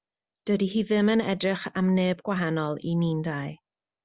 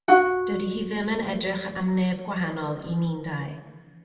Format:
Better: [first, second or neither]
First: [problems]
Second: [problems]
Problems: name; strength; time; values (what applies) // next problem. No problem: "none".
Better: first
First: none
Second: background sound (Plucked string instrument); 4 dB above the speech // room echo; dies away in 1.4 s